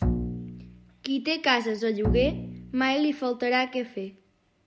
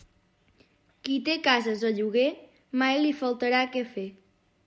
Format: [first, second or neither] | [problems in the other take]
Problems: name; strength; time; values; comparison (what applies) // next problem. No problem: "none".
second | background sound (Bowed string instrument); 4 dB below the speech